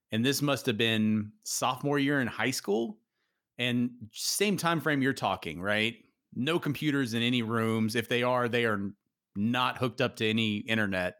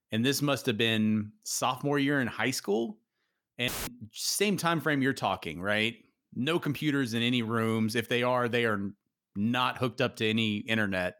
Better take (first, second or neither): first